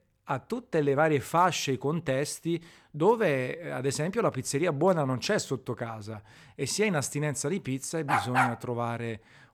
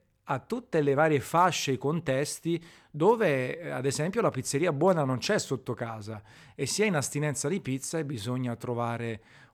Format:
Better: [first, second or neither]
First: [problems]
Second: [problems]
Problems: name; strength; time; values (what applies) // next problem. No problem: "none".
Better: second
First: dog barking; loud; at 8 s; peak 3 dB above the speech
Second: none